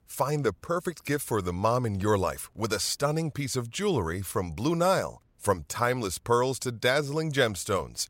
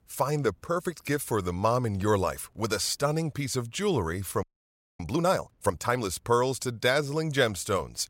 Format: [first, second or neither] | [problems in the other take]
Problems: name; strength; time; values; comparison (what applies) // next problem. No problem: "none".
first | audio freezing; at 4.5 s for 0.5 s